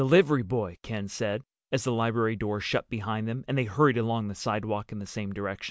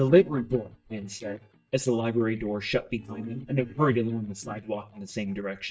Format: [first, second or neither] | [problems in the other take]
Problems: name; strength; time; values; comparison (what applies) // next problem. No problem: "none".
first | noise reduction (neural mask model DeepFilterNet 3)